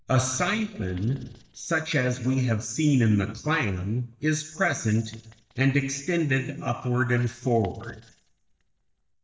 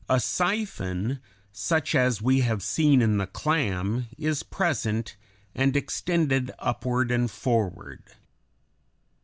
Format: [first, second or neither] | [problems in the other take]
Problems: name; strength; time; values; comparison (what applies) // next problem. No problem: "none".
second | noise reduction (neural mask model DeepFilterNet 3)